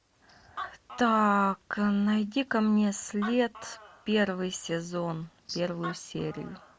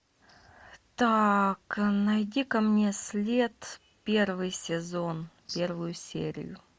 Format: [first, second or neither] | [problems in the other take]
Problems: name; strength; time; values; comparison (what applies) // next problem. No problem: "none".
second | background sound (Animal); 18 dB below the speech